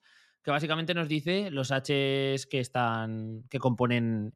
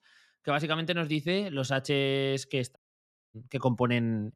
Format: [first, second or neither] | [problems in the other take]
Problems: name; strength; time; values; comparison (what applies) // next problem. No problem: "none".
first | audio cutting out; at 3 s for 0.5 s